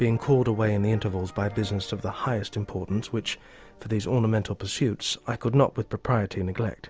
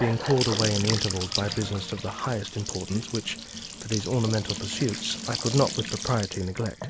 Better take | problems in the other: first | background sound (Trickle, dribble / Bathtub (filling or washing) / Sink (filling or washing) / Gurgling / Splash, splatter); 6 dB below the speech

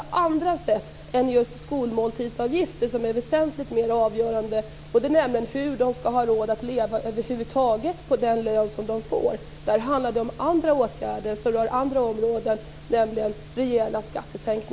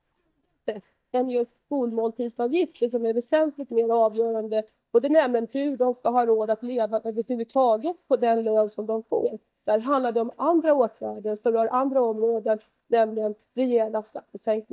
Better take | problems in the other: first | noise reduction (neural mask model DeepFilterNet 3)

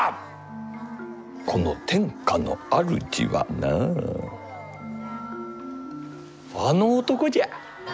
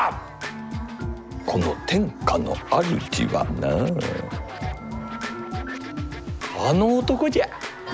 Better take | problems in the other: first | background sound (Scratching (performance technique)); 9 dB below the speech

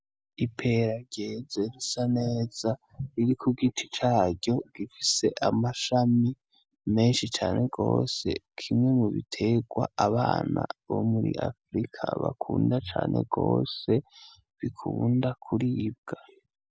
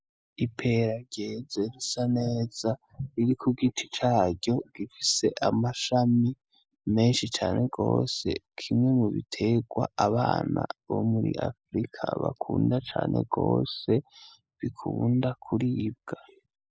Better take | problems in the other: first | noise reduction (neural mask model Resemble Enhance denoiser)

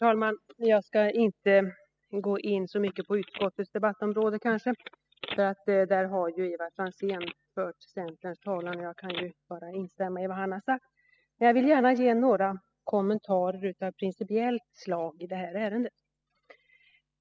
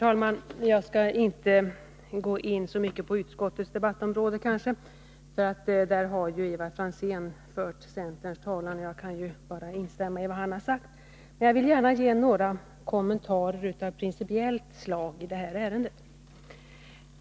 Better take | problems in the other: second | noise reduction (classical method spectral subtraction)

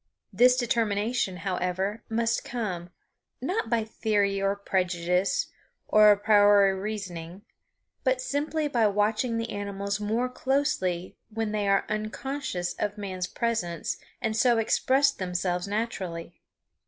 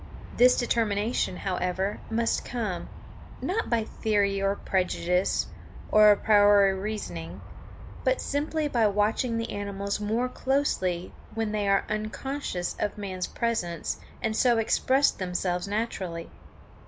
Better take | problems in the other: first | background sound (Aircraft); 14 dB below the speech

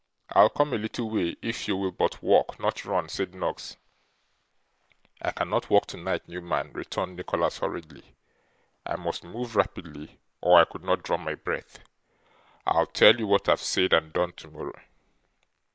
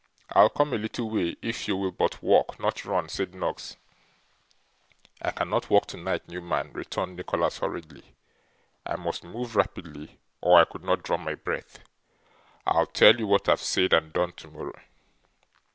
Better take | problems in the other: second | noise reduction (neural mask model Resemble Enhance denoiser)

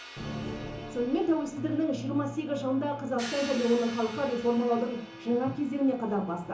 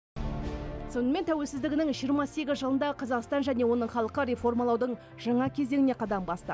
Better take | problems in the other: second | background sound (Crash cymbal); 17 dB below the speech // room echo; dies away in 0.8 s

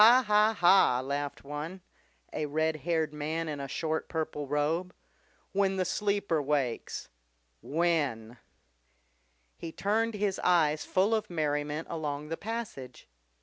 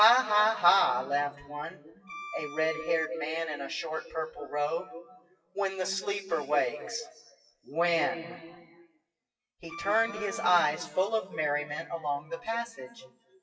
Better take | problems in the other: first | noise reduction (classical method WPE with log-MMSE)

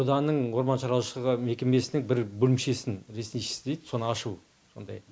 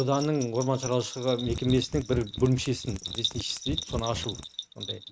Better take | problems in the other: first | noise reduction (neural mask model RNNoise)

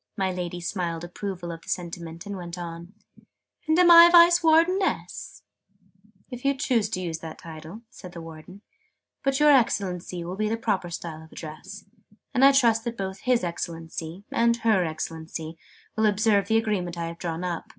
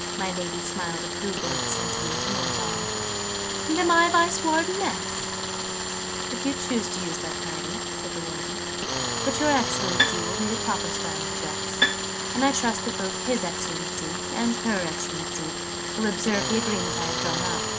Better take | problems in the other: first | background sound (Tools + Bowed string instrument); 1 dB above the speech

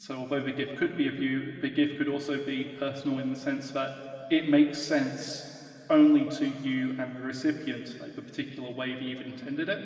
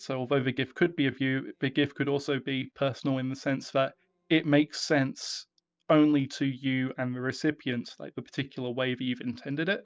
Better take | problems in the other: second | room echo; dies away in 2.7 s

